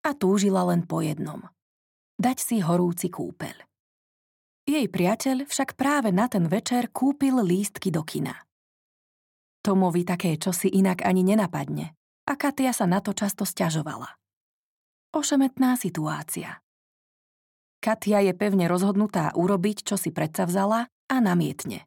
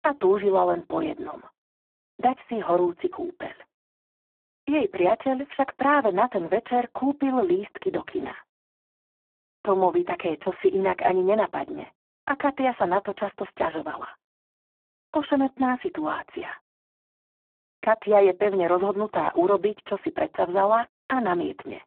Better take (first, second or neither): first